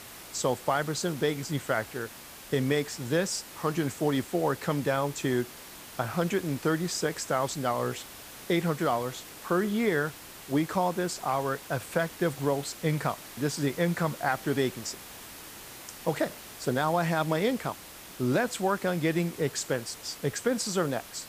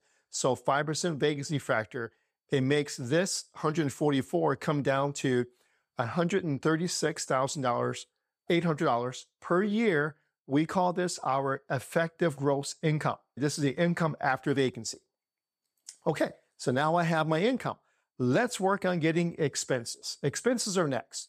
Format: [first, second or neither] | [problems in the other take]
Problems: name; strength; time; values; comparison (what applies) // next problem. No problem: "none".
second | hiss; noticeable; throughout; 15 dB below the speech